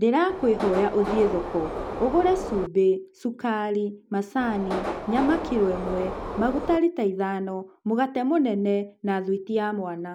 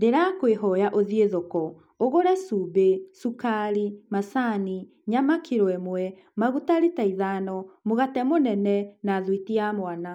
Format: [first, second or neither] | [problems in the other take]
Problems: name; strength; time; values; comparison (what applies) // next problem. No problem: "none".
second | background sound (Subway, metro, underground); 7 dB below the speech